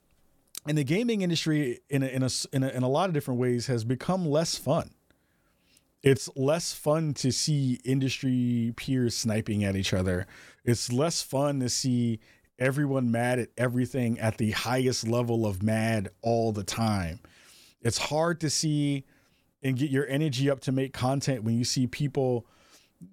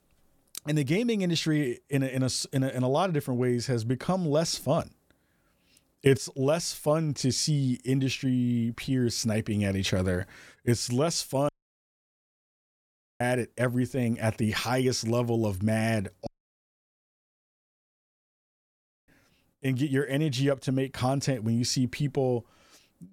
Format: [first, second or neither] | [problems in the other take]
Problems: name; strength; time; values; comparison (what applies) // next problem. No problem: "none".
first | audio cutting out; at 11 s for 1.5 s and at 16 s for 3 s